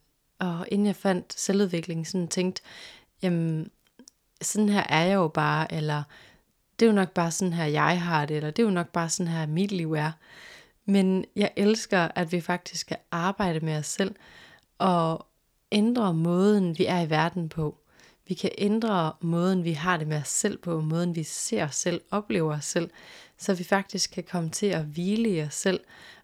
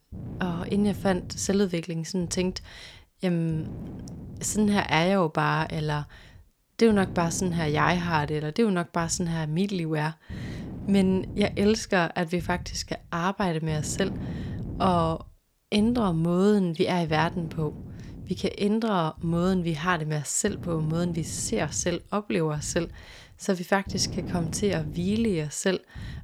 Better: first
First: none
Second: wind noise on the microphone; occasional gusts; 20 dB below the speech

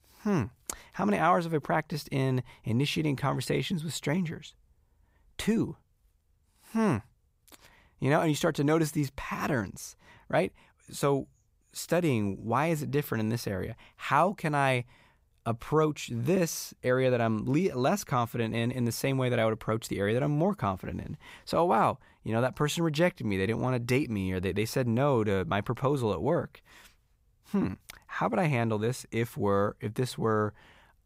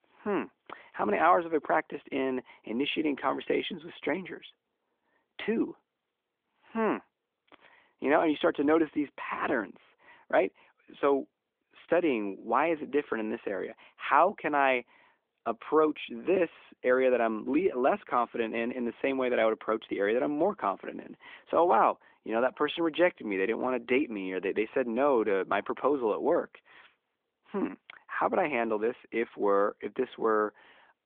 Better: first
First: none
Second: phone-call audio; nothing above 3.5 kHz

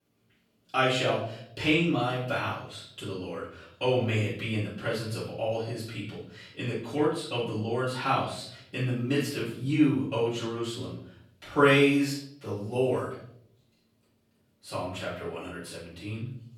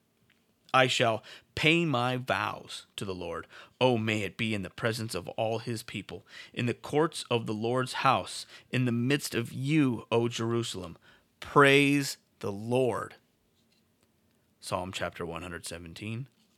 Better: second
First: off-mic speech; far // room echo; noticeable; dies away in 0.6 s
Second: none

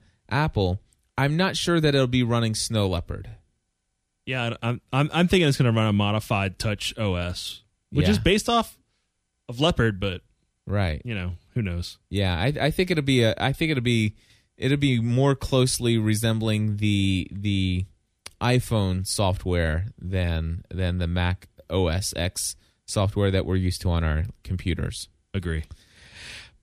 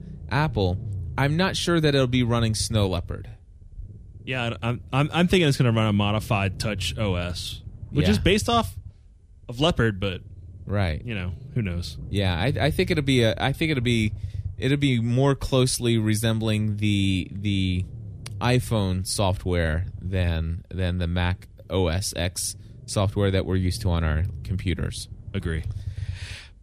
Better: first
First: none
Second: low rumble; faint; throughout; 25 dB below the speech

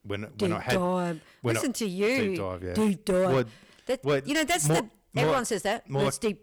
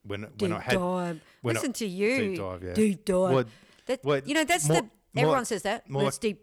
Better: second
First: distortion; slight; 8% of the sound clipped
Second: none

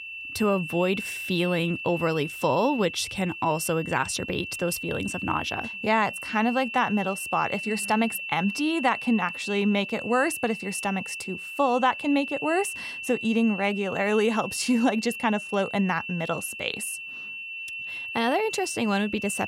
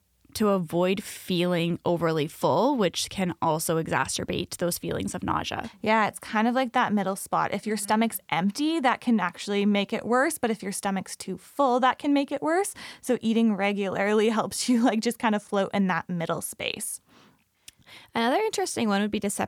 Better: second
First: high-pitched whine; loud; throughout; 2.5 kHz, 7 dB below the speech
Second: none

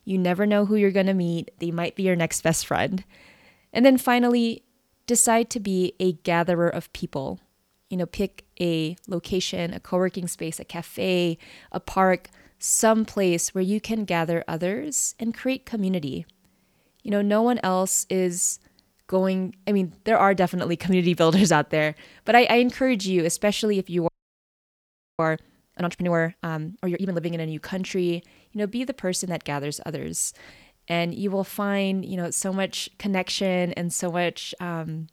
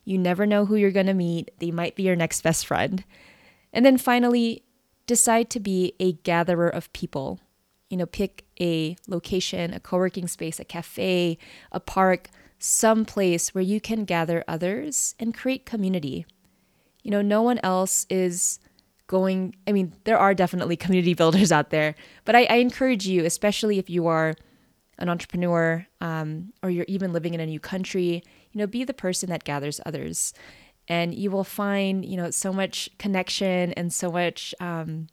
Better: second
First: audio freezing; at 24 s for 1 s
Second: none

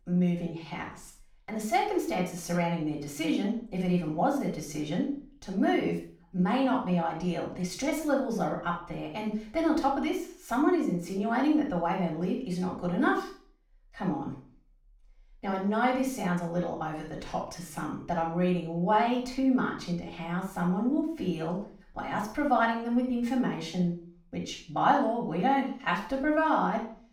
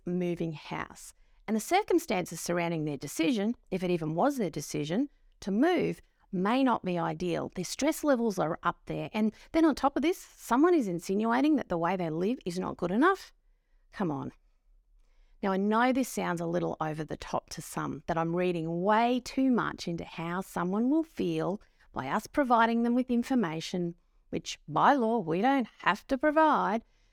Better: second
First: room echo; noticeable; dies away in 0.4 s // off-mic speech; far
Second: none

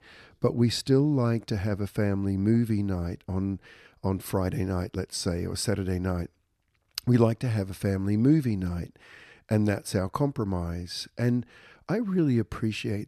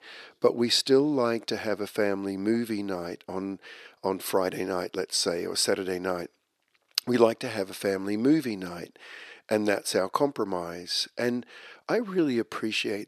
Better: first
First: none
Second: thin; somewhat; fading below 400 Hz

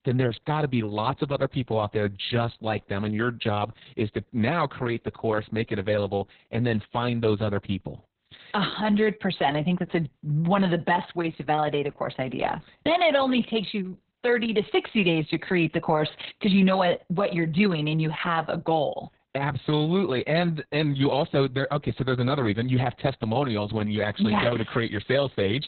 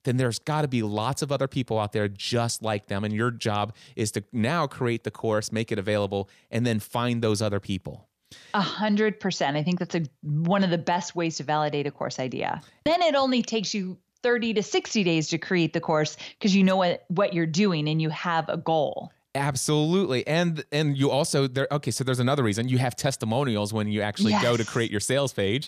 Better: second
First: garbled, watery; badly; nothing above 4 kHz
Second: none

